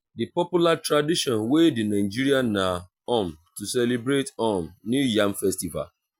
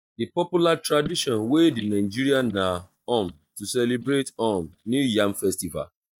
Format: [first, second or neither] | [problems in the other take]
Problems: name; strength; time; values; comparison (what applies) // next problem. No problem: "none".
first | noise reduction (neural mask model DeepFilterNet 3)